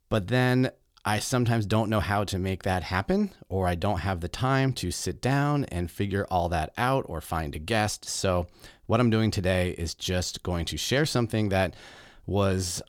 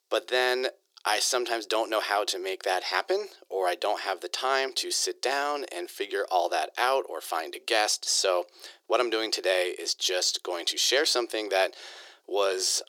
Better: first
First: none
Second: thin; very; fading below 350 Hz

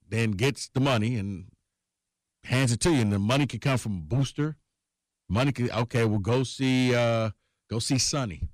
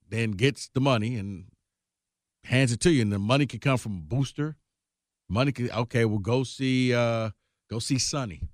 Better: second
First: distortion; slight; 7% of the sound clipped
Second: none

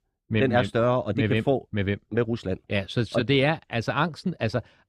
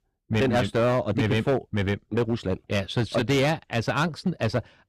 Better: first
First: none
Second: distortion; slight; 9% of the sound clipped

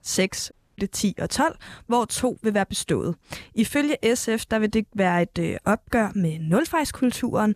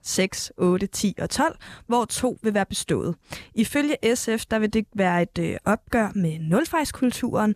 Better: second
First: audio cutting out; at 0.5 s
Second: none

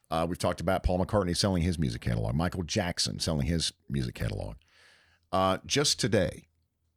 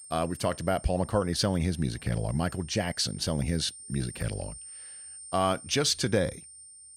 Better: first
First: none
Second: high-pitched whine; noticeable; throughout; 9 kHz, 15 dB below the speech

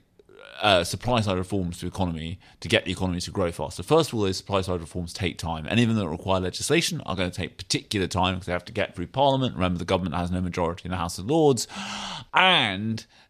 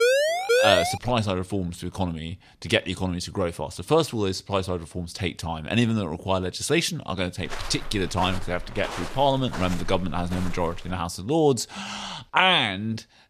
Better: first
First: none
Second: siren; loud; at the start; peak 5 dB above the speech // footsteps; noticeable; from 7.5 to 11 s; peak 9 dB below the speech

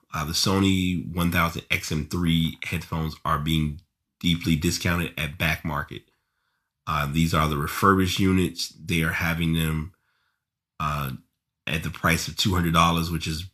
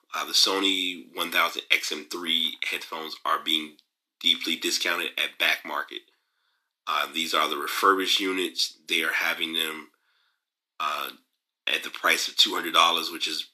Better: first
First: none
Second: thin; very; fading below 300 Hz

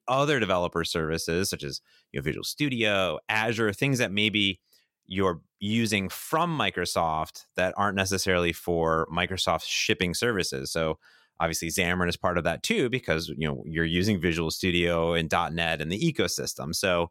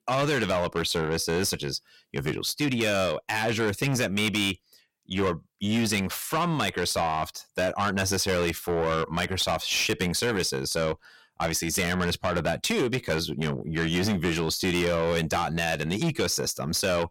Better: first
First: none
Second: distortion; heavy; 7 dB below the speech

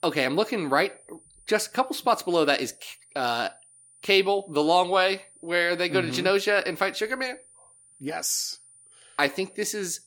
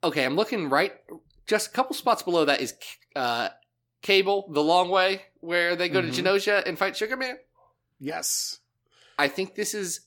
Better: second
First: high-pitched whine; faint; throughout; 9.5 kHz, 25 dB below the speech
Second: none

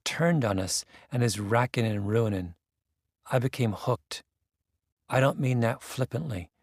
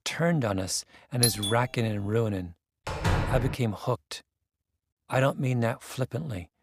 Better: first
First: none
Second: doorbell; loud; at 1 s; peak 3 dB above the speech // door banging; loud; at 3 s; peak 1 dB above the speech

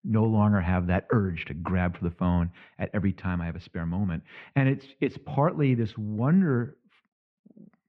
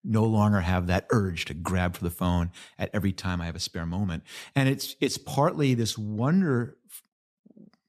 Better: second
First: muffled; very; fading above 2.5 kHz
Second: none

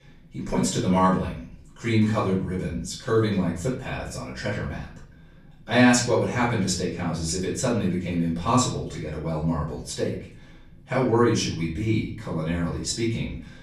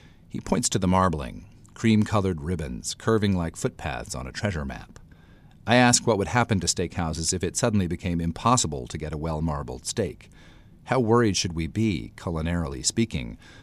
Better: second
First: off-mic speech; far // room echo; noticeable; dies away in 0.5 s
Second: none

